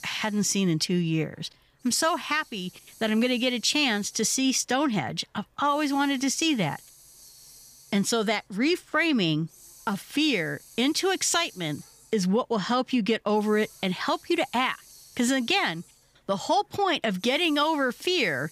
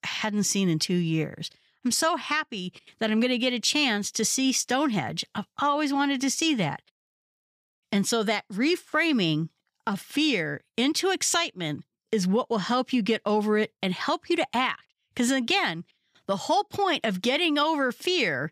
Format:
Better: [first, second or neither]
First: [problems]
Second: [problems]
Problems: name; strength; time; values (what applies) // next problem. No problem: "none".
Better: second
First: hiss; faint; throughout; 25 dB below the speech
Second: none